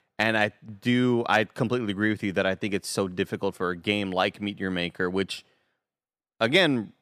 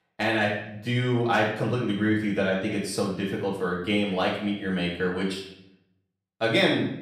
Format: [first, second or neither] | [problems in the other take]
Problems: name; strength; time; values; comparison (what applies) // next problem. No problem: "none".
first | off-mic speech; far // room echo; noticeable; dies away in 0.6 s